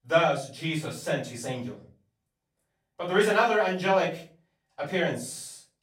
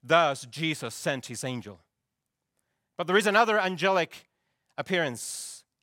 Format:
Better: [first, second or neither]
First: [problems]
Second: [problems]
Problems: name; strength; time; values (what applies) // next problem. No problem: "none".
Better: second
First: off-mic speech; far // room echo; slight; dies away in 0.3 s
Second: none